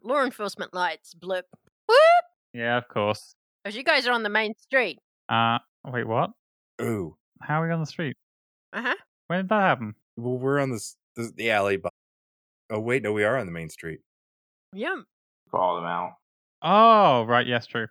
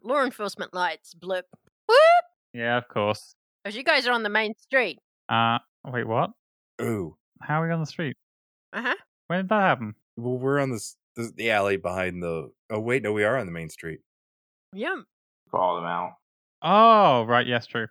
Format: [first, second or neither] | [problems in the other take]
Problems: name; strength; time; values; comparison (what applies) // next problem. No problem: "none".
second | audio cutting out; at 12 s for 0.5 s